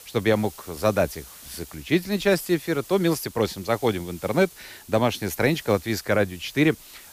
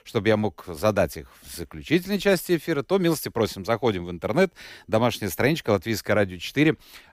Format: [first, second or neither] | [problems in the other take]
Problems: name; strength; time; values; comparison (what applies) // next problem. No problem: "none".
second | hiss; noticeable; throughout; 20 dB below the speech